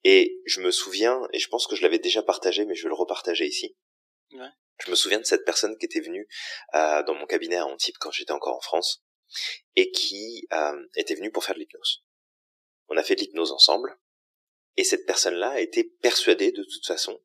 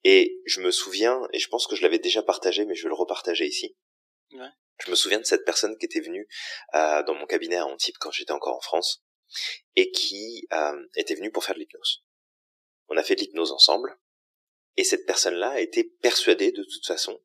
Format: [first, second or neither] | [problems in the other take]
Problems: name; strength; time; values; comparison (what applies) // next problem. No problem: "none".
neither | thin; very; fading below 300 Hz; the same in both